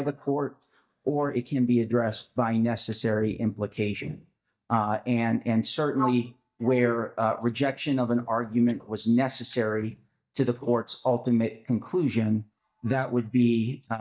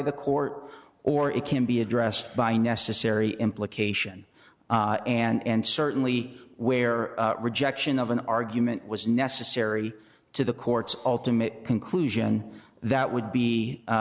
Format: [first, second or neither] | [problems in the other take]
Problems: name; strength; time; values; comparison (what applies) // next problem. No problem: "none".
second | noise reduction (neural mask model DeepFilterNet 3)